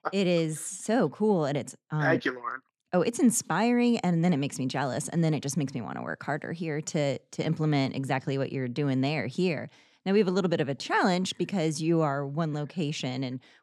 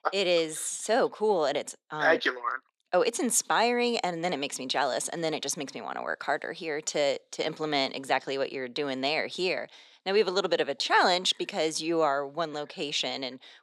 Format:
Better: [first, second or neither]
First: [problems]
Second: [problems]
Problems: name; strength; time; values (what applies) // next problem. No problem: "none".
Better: first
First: none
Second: thin; somewhat; fading below 550 Hz